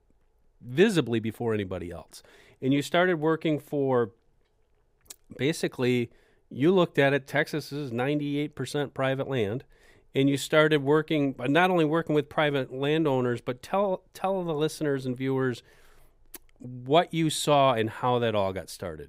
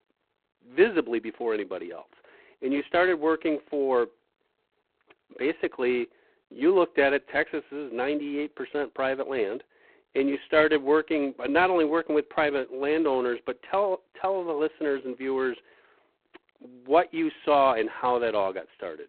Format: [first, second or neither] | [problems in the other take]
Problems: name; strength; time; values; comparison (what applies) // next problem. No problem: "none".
first | phone-call audio; poor line; nothing above 4 kHz